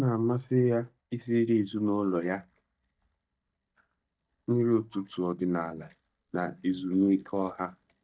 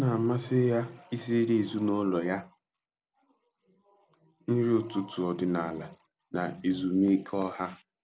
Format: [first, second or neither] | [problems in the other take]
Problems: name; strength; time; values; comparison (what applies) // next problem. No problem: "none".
second | noise reduction (neural mask model DeepFilterNet 3)